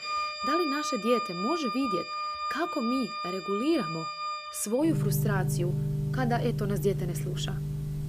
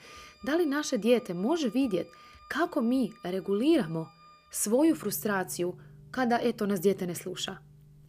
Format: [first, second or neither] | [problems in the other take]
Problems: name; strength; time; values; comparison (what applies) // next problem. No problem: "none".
second | background music; loud; throughout; as loud as the speech; faint in the second